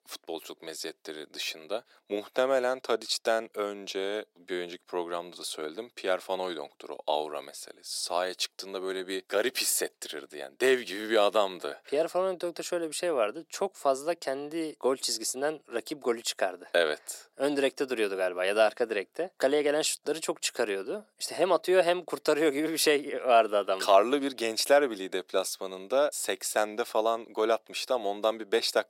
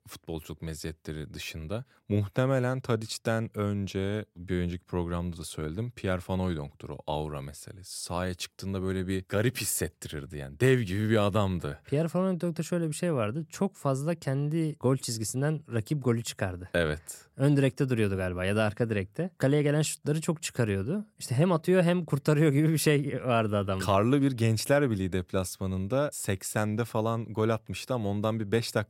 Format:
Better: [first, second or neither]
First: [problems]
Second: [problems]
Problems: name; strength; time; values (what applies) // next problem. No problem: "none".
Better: second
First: thin; very; fading below 350 Hz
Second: none